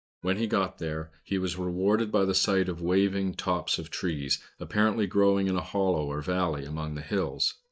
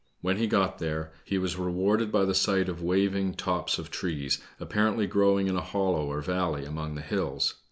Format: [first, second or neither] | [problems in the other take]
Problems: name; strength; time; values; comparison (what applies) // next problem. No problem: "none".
second | noise reduction (neural mask model DeepFilterNet 3)